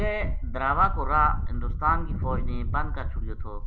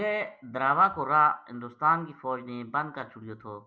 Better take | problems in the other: second | background sound (Wind); 1 dB above the speech

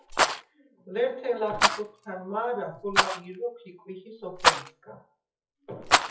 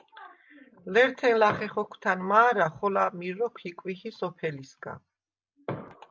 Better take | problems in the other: second | noise reduction (classical method WPE with log-MMSE)

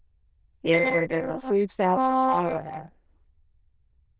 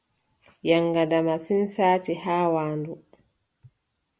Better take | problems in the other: second | noise reduction (neural diffusion model UNIVERSE++)

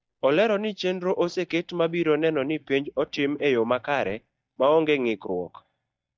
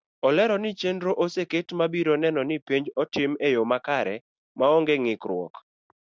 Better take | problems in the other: second | noise reduction (neural mask model DeepFilterNet 3)

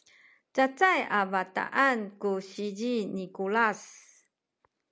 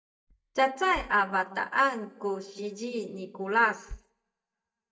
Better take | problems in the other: first | noise reduction (neural mask model DeepFilterNet 3)

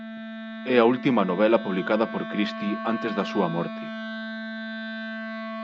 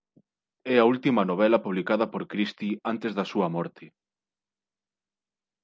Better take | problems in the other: second | background sound (Wind instrument, woodwind instrument); 8 dB below the speech

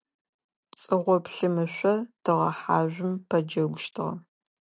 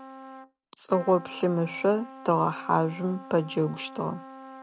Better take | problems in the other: first | background sound (Trumpet); 17 dB below the speech

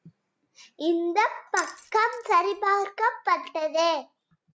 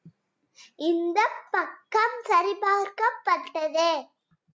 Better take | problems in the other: second | background sound (Glass); 17 dB below the speech

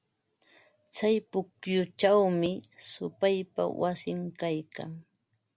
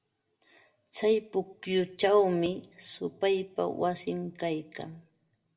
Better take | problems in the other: first | room echo; dies away in 0.4 s

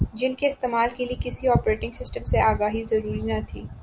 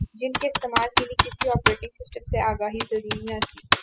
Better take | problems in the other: first | noise reduction (classical method spectral subtraction)

